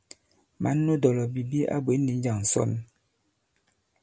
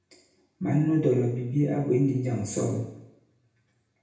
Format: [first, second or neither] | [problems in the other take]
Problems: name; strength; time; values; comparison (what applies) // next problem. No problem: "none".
first | room echo; dies away in 0.8 s